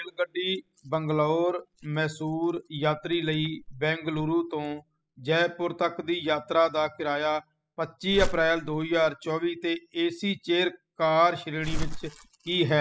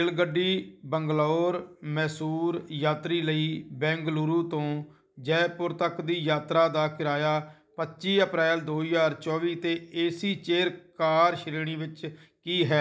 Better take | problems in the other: second | noise reduction (classical method spectral subtraction)

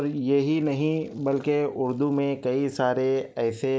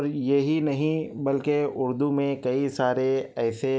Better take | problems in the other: second | noise reduction (neural mask model Resemble Enhance denoiser)

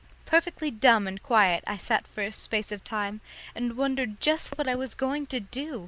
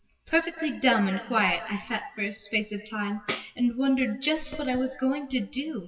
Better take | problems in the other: first | noise reduction (classical method WPE with log-MMSE)

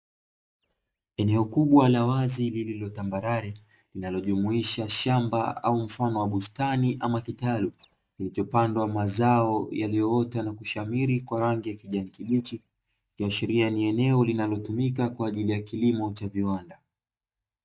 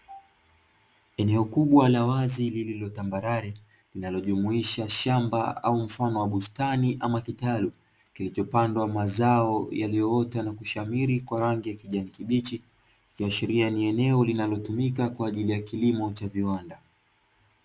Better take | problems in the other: second | noise reduction (neural mask model DeepFilterNet 3)

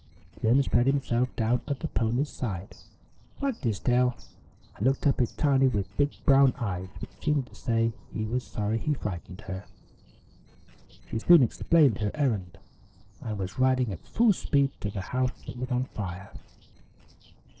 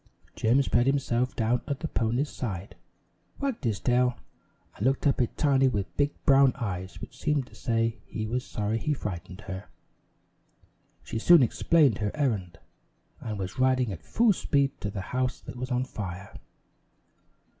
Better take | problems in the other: second | noise reduction (neural separator model SepFormer DNS4)

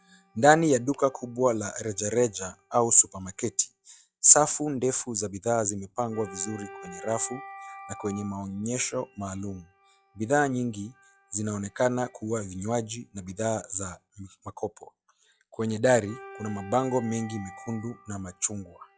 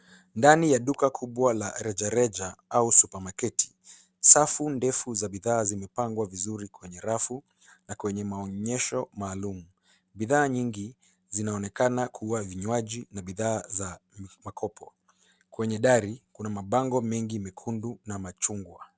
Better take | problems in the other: second | noise reduction (classical method log-MMSE)

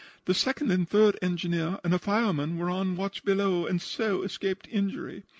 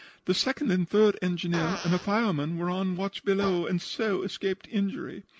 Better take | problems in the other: first | background sound (Fart); 17 dB below the speech

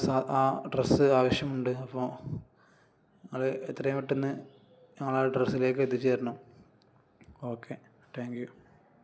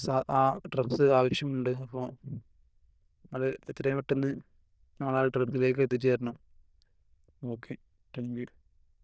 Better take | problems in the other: first | noise reduction (neural diffusion model UNIVERSE++)

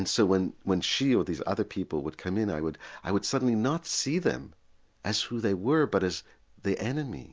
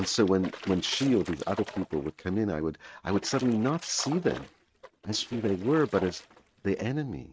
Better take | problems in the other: first | noise reduction (neural mask model RNNoise)

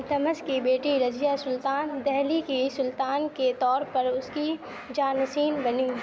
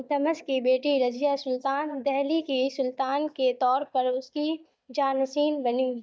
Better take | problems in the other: first | noise reduction (neural mask model DeepFilterNet 3)

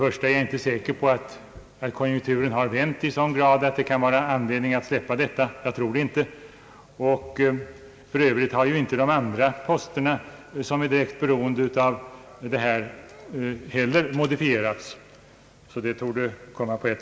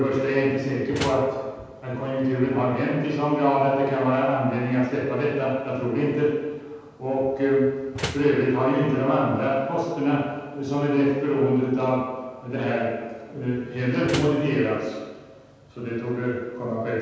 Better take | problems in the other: first | background sound (Slam); 11 dB below the speech // room echo; dies away in 1.2 s

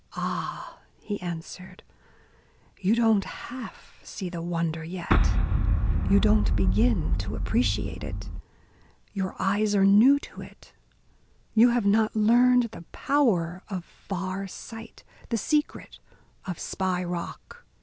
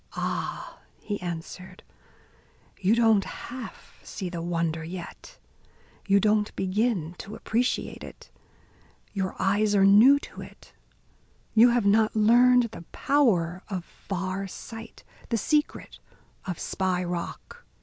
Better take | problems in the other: second | background sound (Boom); 4 dB above the speech

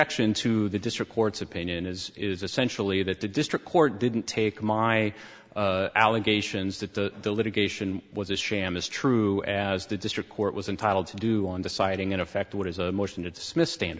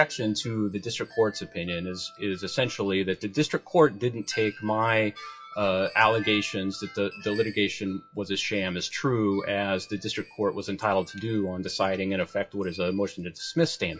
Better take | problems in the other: first | noise reduction (classical method WPE with log-MMSE)

